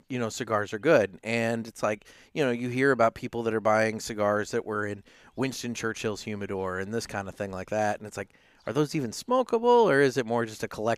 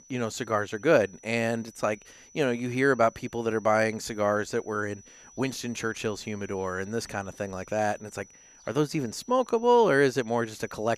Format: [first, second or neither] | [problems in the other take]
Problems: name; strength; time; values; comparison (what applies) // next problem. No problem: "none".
first | high-pitched whine; faint; throughout; 6 kHz, 25 dB below the speech